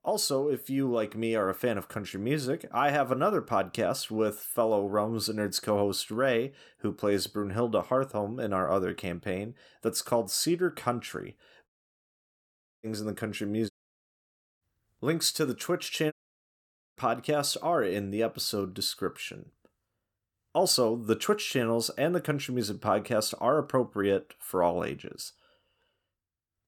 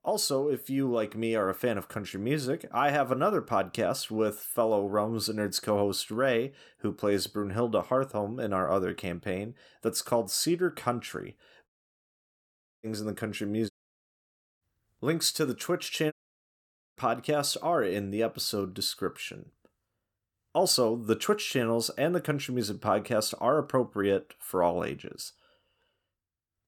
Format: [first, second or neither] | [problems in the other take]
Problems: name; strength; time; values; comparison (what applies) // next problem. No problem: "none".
neither | audio cutting out; at 12 s for 1 s, at 14 s for 1 s and at 16 s for 1 s; the same in both